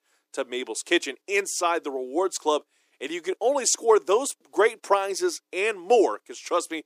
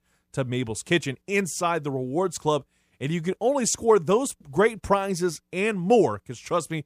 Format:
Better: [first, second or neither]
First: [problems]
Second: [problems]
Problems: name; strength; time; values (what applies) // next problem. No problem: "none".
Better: second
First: thin; somewhat; fading below 300 Hz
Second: none